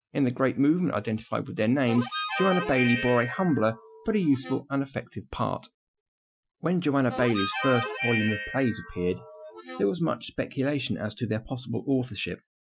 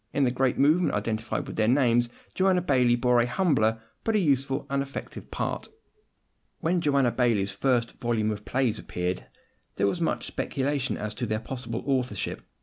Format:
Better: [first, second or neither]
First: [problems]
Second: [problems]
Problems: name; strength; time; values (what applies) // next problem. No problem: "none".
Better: second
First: noise reduction (classical method Wiener filter)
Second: none